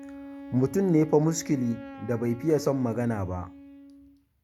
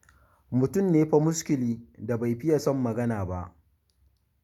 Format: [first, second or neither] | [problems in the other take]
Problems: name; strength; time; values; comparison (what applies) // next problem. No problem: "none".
second | background sound (Wind instrument, woodwind instrument); 15 dB below the speech